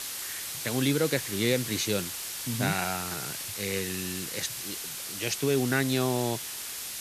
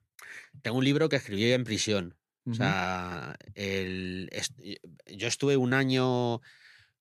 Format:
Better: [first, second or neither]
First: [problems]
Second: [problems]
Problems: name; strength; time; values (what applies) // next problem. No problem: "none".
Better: second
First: hiss; loud; throughout; 4 dB below the speech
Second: none